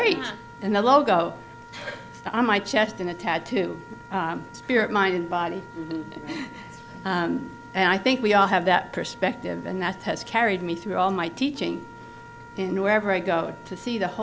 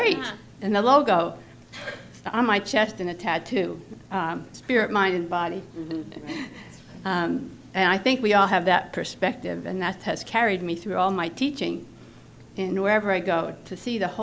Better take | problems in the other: second | background sound (Wind instrument, woodwind instrument); 20 dB below the speech

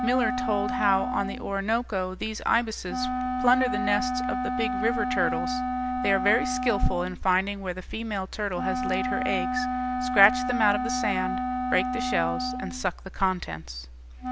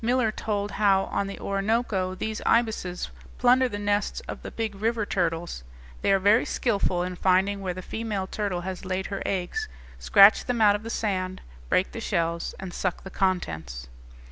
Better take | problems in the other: second | background sound (Wind instrument, woodwind instrument); 2 dB below the speech

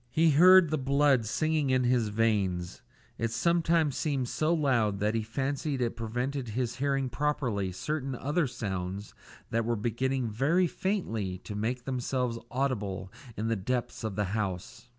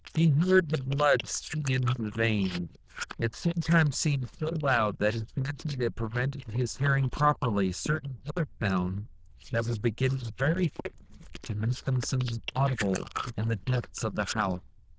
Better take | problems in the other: first | noise reduction (neural diffusion model UNIVERSE++)

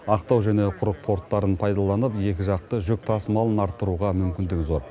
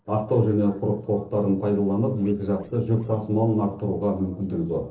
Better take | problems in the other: first | noise reduction (neural separator model SepFormer DNS4)

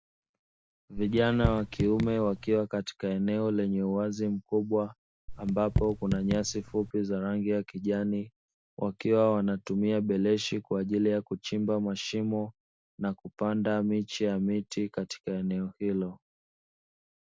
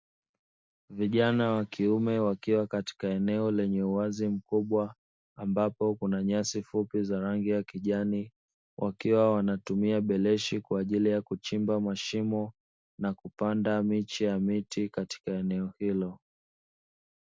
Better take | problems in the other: second | background sound (Raindrop / Drip); 5 dB below the speech

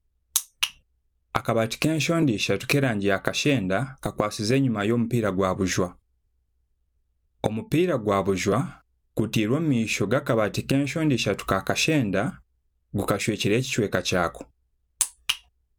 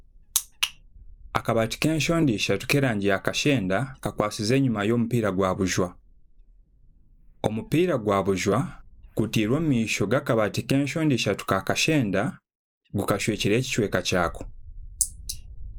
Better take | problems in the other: first | noise reduction (neural mask model Resemble Enhance denoiser)

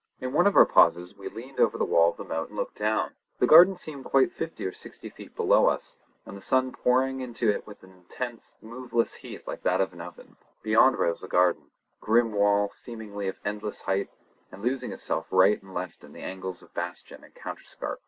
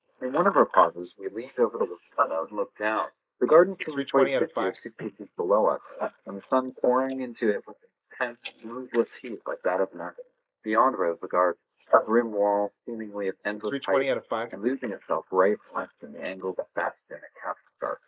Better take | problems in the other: first | noise reduction (neural mask model Resemble Enhance denoiser)

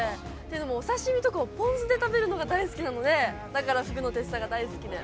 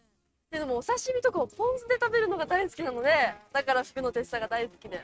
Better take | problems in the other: first | noise reduction (neural mask model RNNoise)

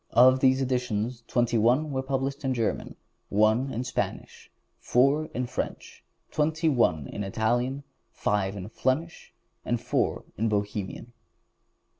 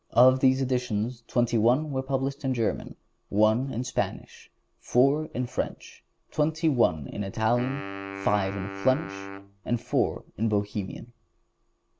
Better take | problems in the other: first | background sound (Wind instrument, woodwind instrument); 11 dB below the speech

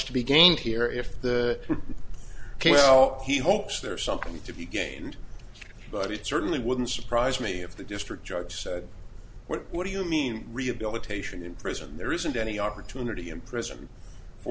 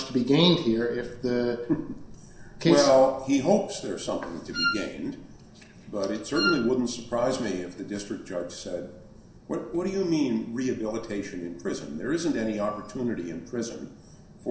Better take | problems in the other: first | background sound (Wind instrument, woodwind instrument); 3 dB below the speech // room echo; dies away in 0.7 s

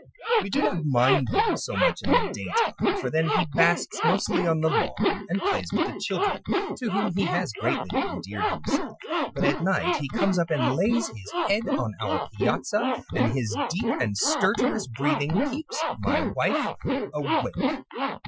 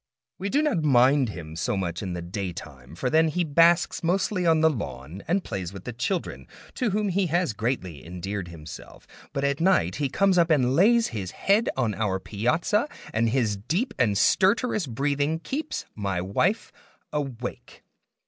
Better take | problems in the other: second | noise reduction (classical method Wiener filter)

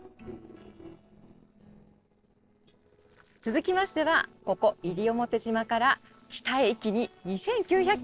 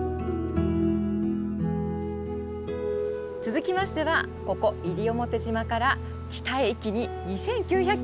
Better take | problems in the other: second | noise reduction (neural separator model SepFormer DNS4)

